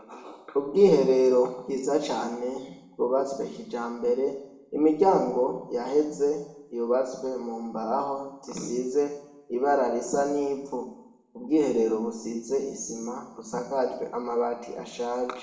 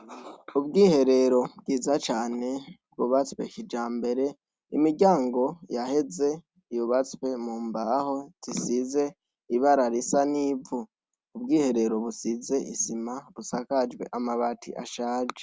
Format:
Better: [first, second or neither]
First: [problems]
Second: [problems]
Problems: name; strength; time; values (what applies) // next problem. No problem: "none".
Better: second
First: room echo; dies away in 0.8 s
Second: none